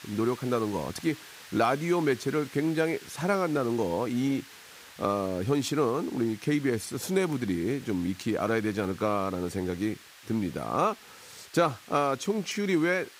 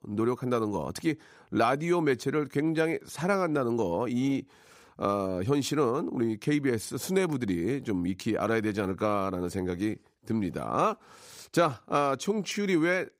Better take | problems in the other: second | hiss; noticeable; throughout; 20 dB below the speech

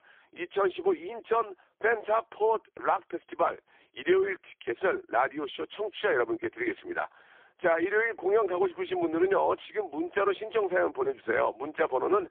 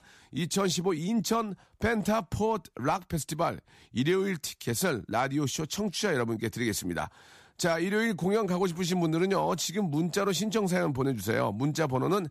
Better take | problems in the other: second | phone-call audio; poor line; nothing above 3.5 kHz

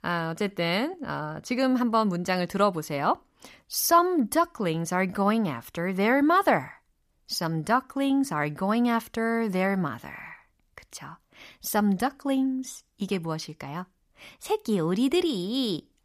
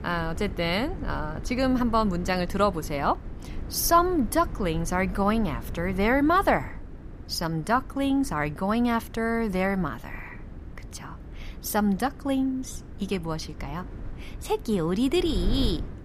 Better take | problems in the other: first | wind noise on the microphone; occasional gusts; 20 dB below the speech

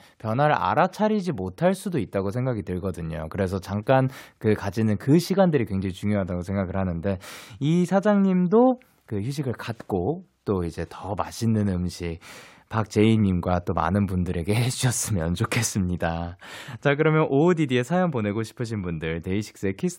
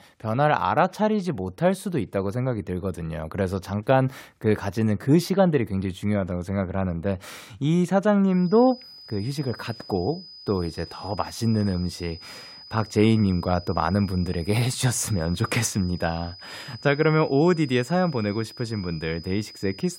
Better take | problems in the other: first | high-pitched whine; noticeable; from 8.5 s on; 5 kHz, 15 dB below the speech

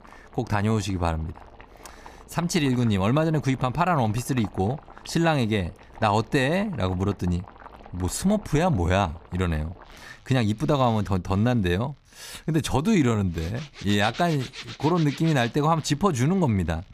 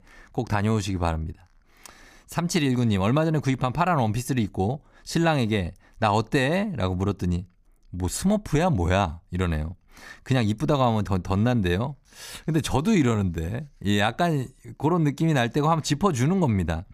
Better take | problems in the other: second | household noises; noticeable; throughout; 20 dB below the speech

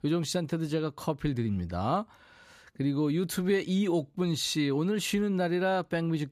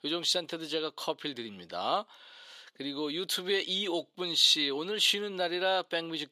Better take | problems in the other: first | thin; somewhat; fading below 500 Hz

